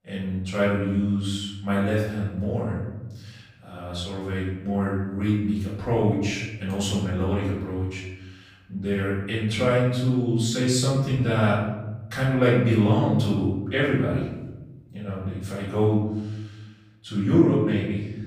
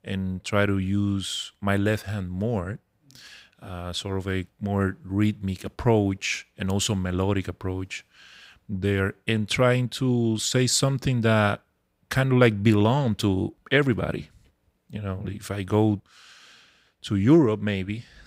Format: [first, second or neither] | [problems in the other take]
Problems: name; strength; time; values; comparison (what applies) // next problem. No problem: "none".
second | off-mic speech; far // room echo; noticeable; dies away in 1.1 s